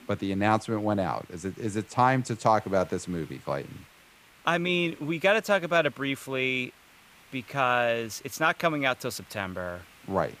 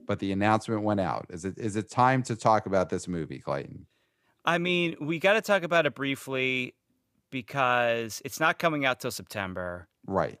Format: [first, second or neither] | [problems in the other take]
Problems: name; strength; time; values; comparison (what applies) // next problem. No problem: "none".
second | hiss; faint; throughout; 25 dB below the speech